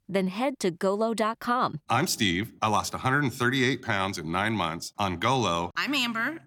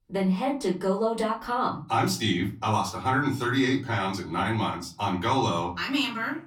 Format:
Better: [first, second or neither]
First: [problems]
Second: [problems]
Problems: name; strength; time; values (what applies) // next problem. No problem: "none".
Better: first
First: none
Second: off-mic speech; far // room echo; very slight; dies away in 0.3 s